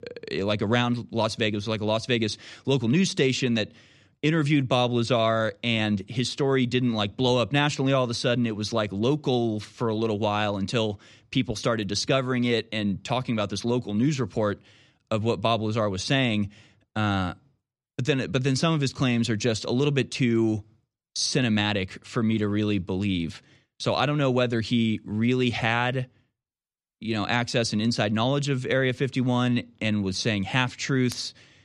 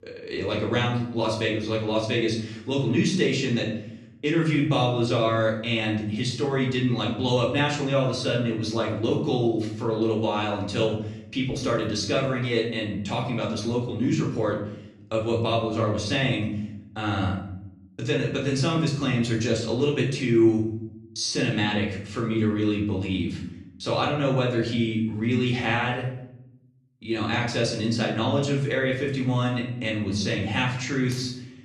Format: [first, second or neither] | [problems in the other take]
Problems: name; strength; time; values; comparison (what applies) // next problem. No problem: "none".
first | room echo; noticeable; dies away in 0.6 s // off-mic speech; far